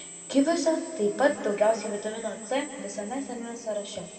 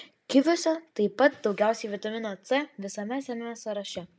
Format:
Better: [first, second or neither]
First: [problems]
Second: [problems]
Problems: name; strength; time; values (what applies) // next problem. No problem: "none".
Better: second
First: background sound (Drill); 15 dB below the speech // room echo; dies away in 1.8 s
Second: none